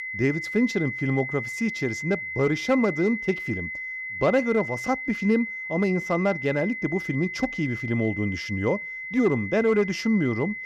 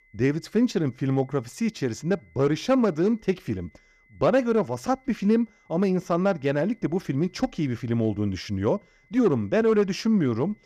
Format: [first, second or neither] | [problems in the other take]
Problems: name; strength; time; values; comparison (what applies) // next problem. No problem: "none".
second | high-pitched whine; loud; throughout; 2 kHz, 6 dB below the speech; faint in the second